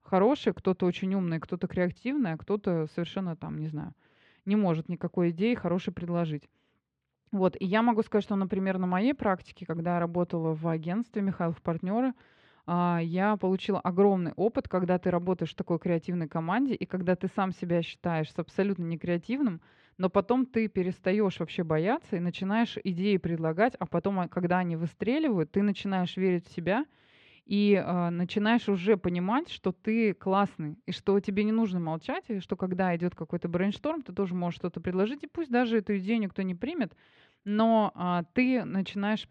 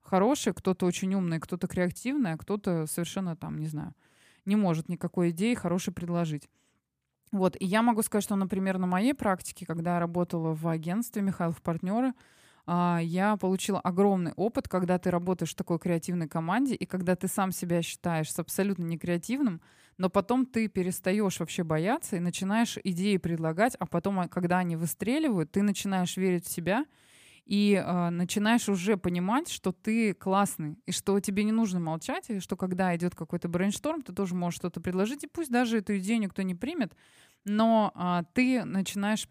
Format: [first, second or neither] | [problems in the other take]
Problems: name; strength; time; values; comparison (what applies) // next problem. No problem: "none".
second | muffled; slightly; fading above 4 kHz